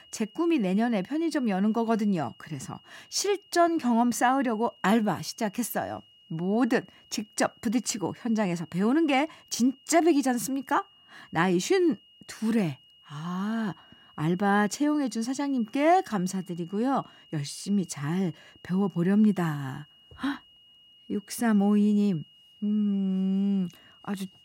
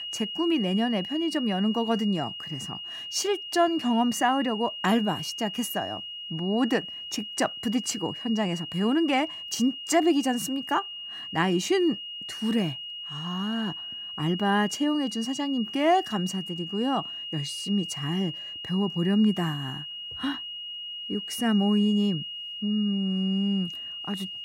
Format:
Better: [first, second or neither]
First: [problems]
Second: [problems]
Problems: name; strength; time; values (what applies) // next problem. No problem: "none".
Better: first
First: high-pitched whine; faint; throughout; 3 kHz, 25 dB below the speech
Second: high-pitched whine; loud; throughout; 3 kHz, 7 dB below the speech